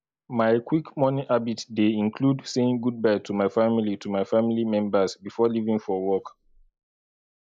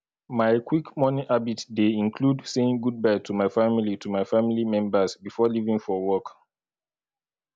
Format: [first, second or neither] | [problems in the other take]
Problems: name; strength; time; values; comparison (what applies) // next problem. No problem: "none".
second | noise reduction (neural mask model Resemble Enhance denoiser)